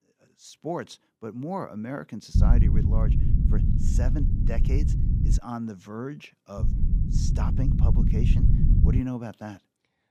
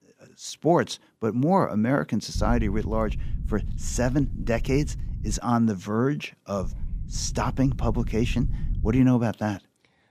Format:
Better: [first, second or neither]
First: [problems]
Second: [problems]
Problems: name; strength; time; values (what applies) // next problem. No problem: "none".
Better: second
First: low rumble; loud; from 2.5 to 5.5 s and from 6.5 to 9 s; 1 dB below the speech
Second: low rumble; faint; from 2.5 to 5.5 s and from 6.5 to 9 s; 20 dB below the speech